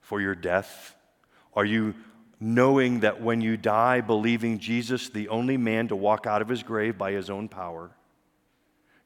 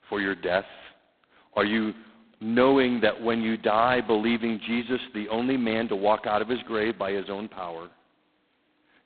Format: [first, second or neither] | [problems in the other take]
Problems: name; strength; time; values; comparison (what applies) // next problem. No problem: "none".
first | phone-call audio; poor line; nothing above 4 kHz